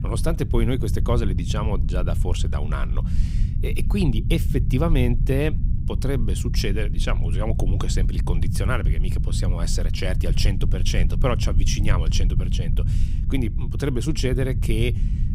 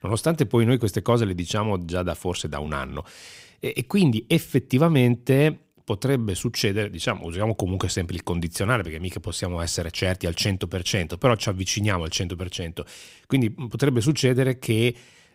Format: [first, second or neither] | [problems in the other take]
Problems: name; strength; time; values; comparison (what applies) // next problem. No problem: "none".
second | low rumble; loud; throughout; 10 dB below the speech